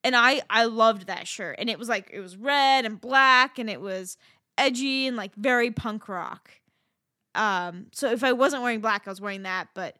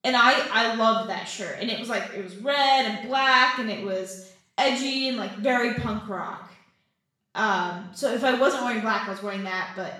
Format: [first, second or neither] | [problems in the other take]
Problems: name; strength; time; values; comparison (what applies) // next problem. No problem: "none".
first | room echo; noticeable; dies away in 0.6 s // off-mic speech; far